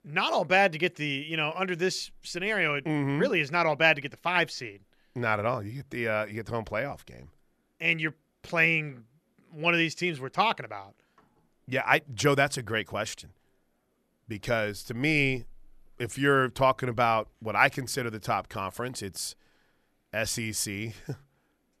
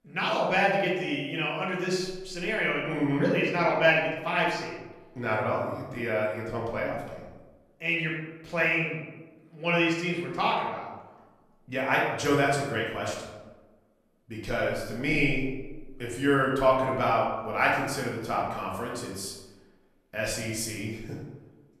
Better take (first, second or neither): first